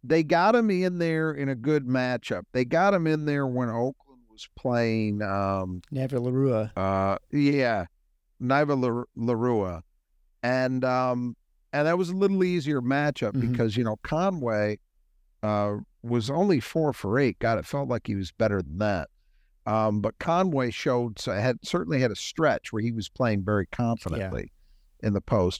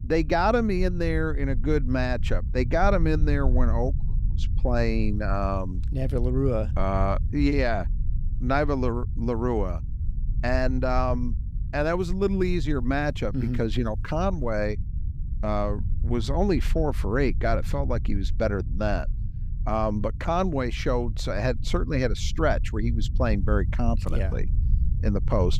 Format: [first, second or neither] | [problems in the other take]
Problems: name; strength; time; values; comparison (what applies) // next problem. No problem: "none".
first | low rumble; noticeable; throughout; 20 dB below the speech